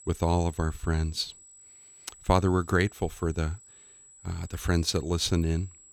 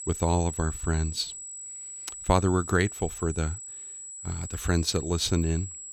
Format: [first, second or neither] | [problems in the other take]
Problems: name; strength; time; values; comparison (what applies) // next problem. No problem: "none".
first | high-pitched whine; loud; throughout; 8 kHz, 9 dB below the speech; faint in the first